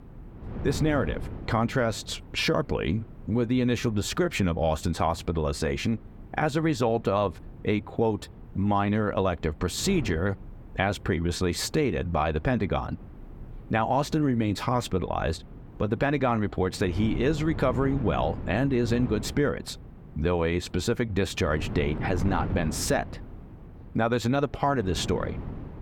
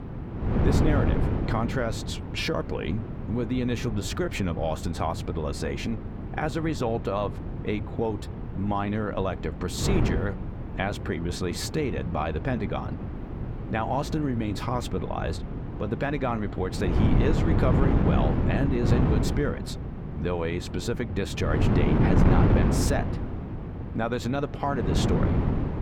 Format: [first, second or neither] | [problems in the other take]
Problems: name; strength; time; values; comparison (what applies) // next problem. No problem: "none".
first | wind noise on the microphone; heavy; 4 dB below the speech; occasional gusts in the first